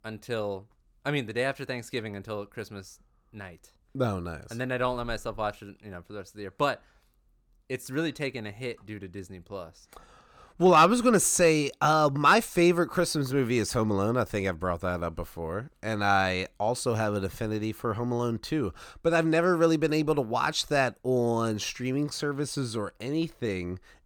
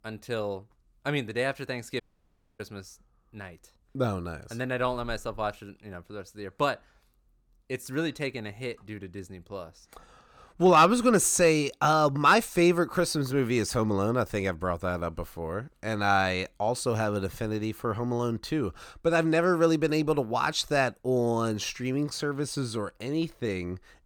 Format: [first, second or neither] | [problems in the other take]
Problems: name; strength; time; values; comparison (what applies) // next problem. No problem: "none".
first | audio cutting out; at 2 s for 0.5 s